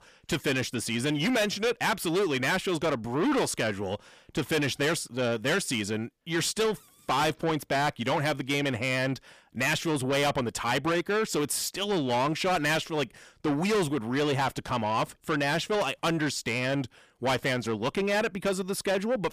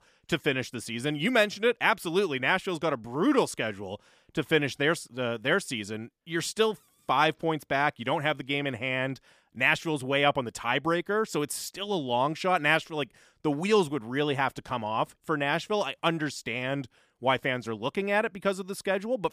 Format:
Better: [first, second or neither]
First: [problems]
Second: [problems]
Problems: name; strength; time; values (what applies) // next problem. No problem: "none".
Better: second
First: distortion; heavy; 6 dB below the speech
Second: none